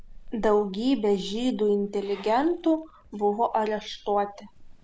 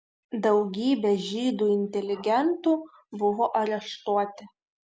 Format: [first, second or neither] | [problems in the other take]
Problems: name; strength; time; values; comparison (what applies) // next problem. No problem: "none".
second | background sound (Meow / Purr); 18 dB below the speech